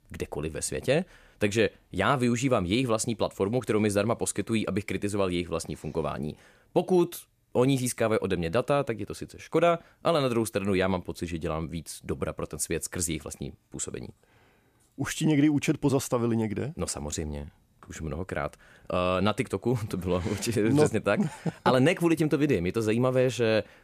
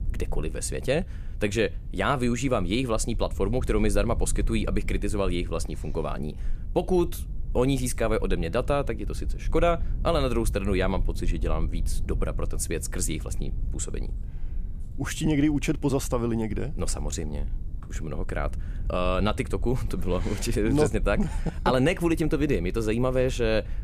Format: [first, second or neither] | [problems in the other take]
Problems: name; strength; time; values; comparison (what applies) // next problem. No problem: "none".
first | low rumble; faint; throughout; 25 dB below the speech